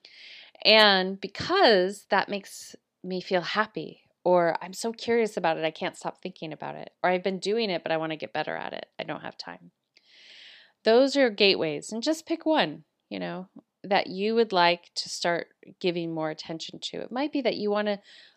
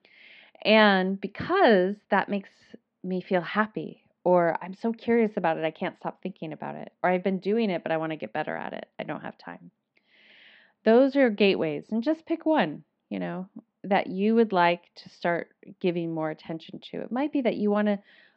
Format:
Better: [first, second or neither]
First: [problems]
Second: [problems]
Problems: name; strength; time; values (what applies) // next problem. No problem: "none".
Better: first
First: none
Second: muffled; very; fading above 2.5 kHz